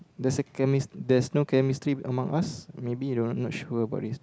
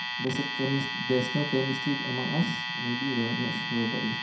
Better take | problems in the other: first | background sound (Alarm); 3 dB below the speech // room echo; dies away in 0.5 s

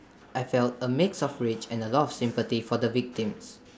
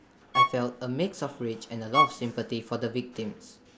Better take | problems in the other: first | background sound (Bowed string instrument); 2 dB above the speech

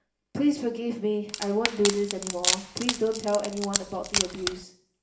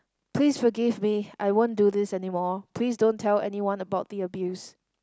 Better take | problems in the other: second | background sound (Wood); 2 dB below the speech // room echo; dies away in 0.5 s

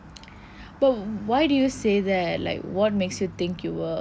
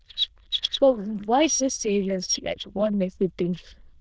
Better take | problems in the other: first | noise reduction (neural diffusion model UNIVERSE++)

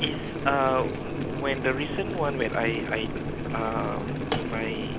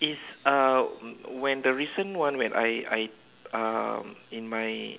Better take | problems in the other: second | background sound (Boiling); 1 dB below the speech

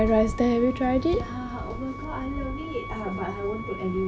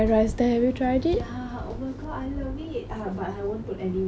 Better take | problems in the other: second | background sound (Wind instrument, woodwind instrument); 14 dB below the speech

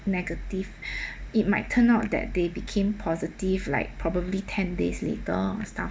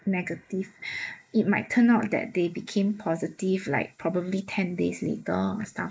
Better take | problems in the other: first | noise reduction (neural mask model Resemble Enhance denoiser)

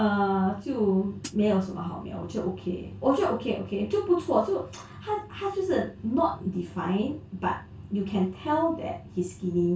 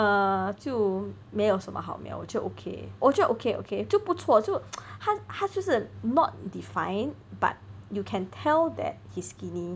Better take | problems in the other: second | background sound (Hi-hat); 14 dB below the speech // room echo; dies away in 0.2 s

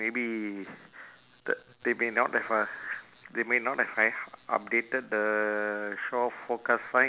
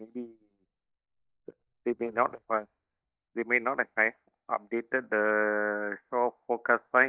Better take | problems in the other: first | noise reduction (neural mask model DeepFilterNet 3)

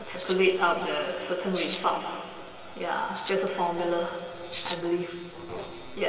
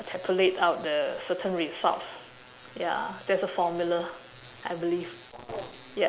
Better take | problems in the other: second | background sound (Rattle (instrument)); 16 dB below the speech // room echo; dies away in 2.6 s

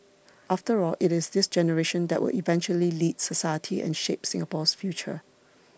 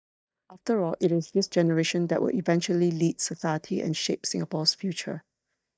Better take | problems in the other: first | noise reduction (neural mask model DeepFilterNet 3)

